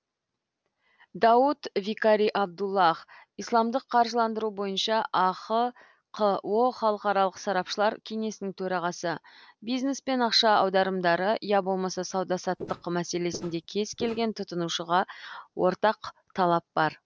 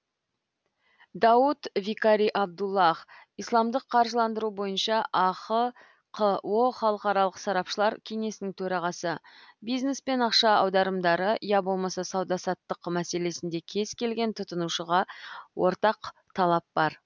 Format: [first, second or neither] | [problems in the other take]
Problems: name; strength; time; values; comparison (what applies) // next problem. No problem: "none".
second | noise reduction (neural separator model SepFormer DNS4)